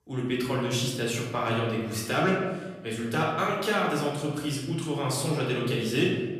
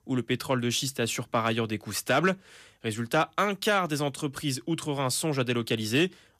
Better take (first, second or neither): second